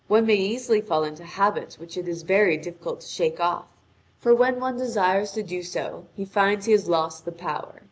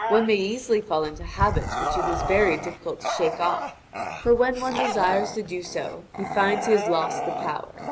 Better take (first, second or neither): first